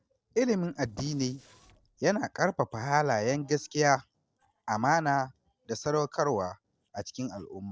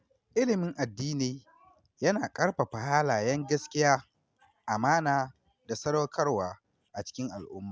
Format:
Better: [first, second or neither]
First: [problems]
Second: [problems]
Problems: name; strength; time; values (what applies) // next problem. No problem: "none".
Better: second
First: noise reduction (neural separator model SepFormer DNS4)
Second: none